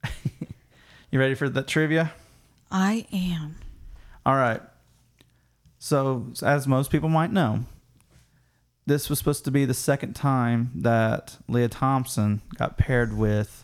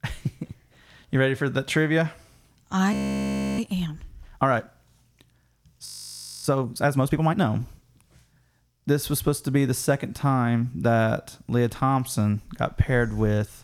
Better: first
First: none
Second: audio freezing; at 3 s for 0.5 s and at 6 s for 0.5 s

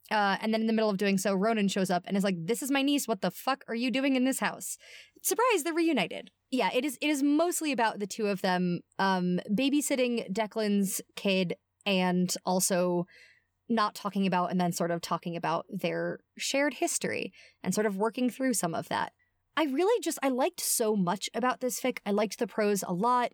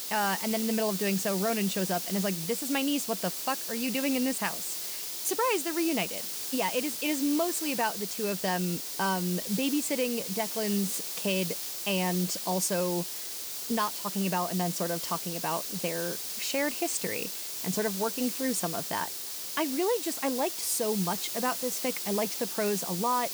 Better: first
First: none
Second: hiss; loud; throughout; 2 dB below the speech

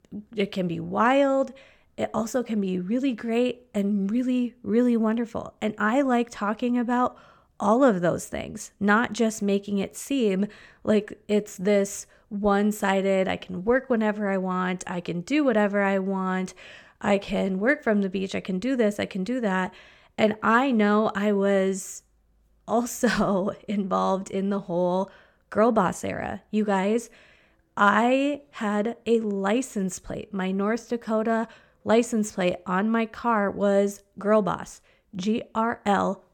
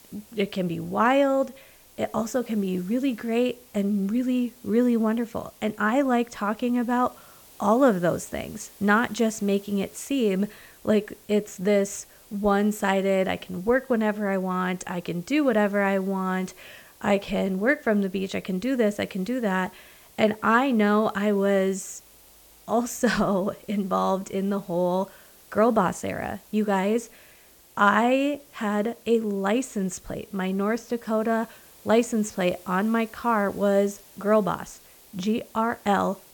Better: first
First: none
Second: hiss; faint; throughout; 25 dB below the speech

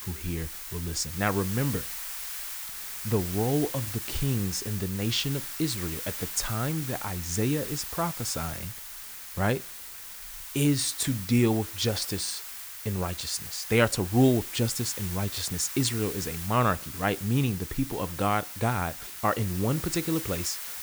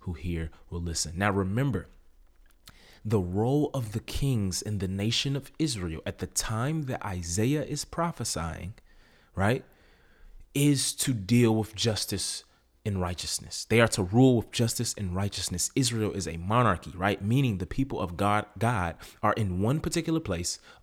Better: second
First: hiss; loud; throughout; 7 dB below the speech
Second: none

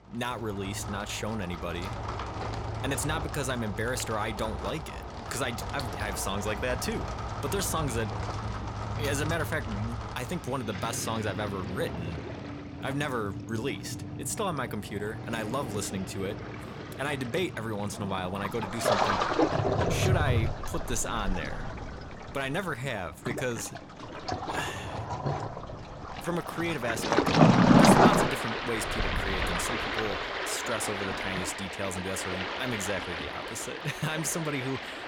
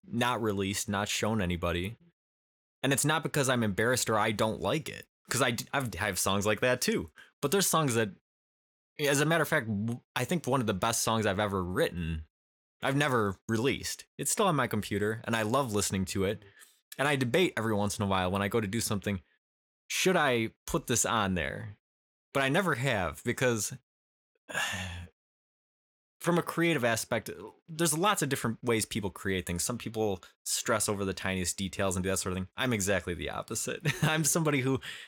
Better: second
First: rain or running water; very loud; throughout; 2 dB above the speech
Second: none

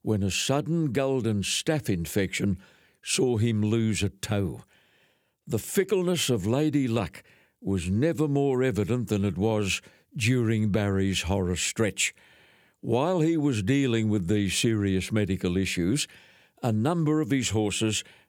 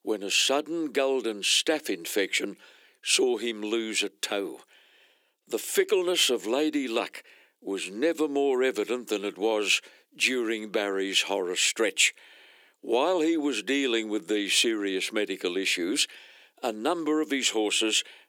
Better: first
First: none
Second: thin; somewhat; fading below 300 Hz

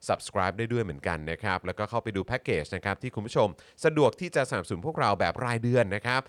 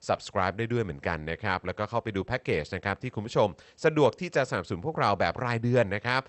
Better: first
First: none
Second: garbled, watery; slightly; nothing above 8 kHz

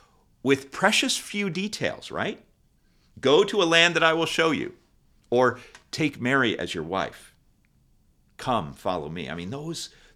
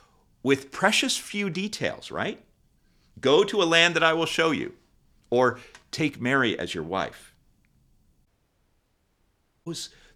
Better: first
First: none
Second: audio cutting out; at 8.5 s for 1.5 s

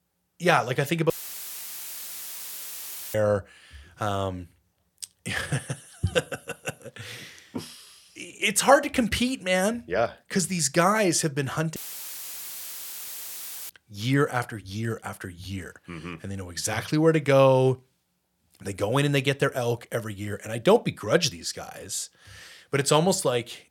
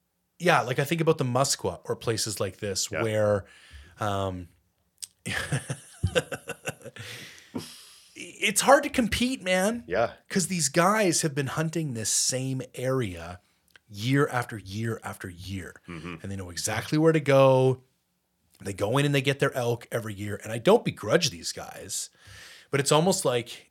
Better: second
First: audio cutting out; filled with static; at 1 s for 2 s and at 12 s for 2 s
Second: none

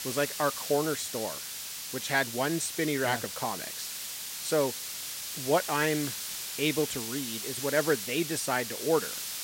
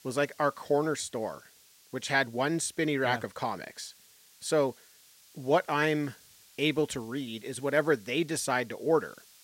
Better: second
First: hiss; loud; throughout; 4 dB below the speech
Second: hiss; faint; throughout; 25 dB below the speech

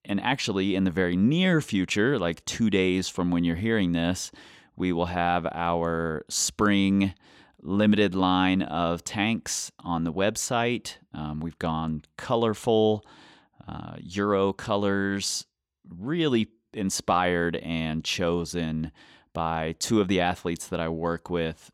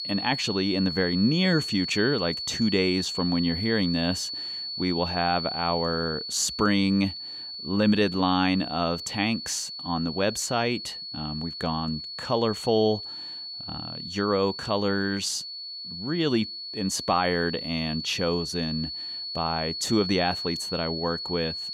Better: first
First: none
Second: high-pitched whine; loud; throughout; 4.5 kHz, 6 dB below the speech

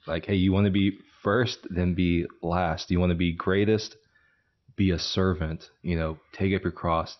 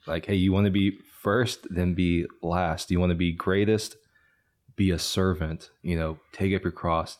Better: second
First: garbled, watery; slightly; nothing above 6 kHz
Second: none

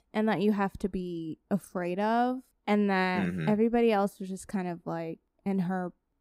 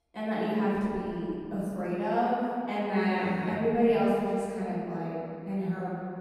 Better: first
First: none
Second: off-mic speech; far // room echo; strong; dies away in 2.4 s

